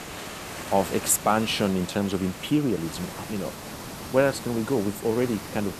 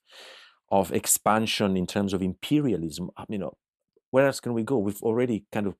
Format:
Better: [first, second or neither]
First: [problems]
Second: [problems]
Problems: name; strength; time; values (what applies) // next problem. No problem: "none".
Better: second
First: hiss; noticeable; throughout; 10 dB below the speech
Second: none